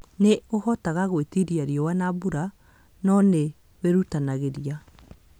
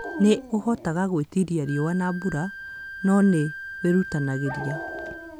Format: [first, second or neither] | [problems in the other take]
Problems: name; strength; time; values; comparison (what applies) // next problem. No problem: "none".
first | background sound (Dog + Wind instrument, woodwind instrument); 12 dB below the speech